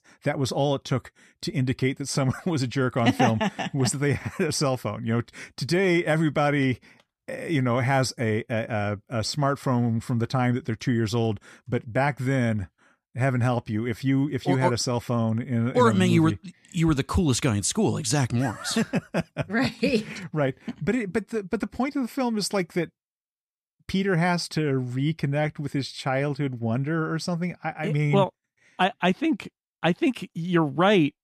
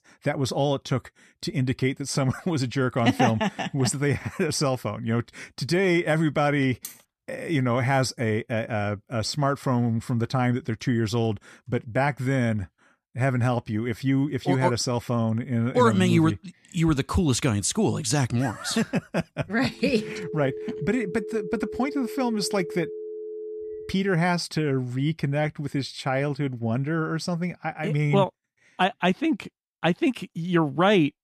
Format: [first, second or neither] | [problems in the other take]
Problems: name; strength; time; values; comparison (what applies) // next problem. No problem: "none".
first | clattering dishes; faint; at 7 s; peak 15 dB below the speech // phone ringing; noticeable; from 20 to 24 s; peak 9 dB below the speech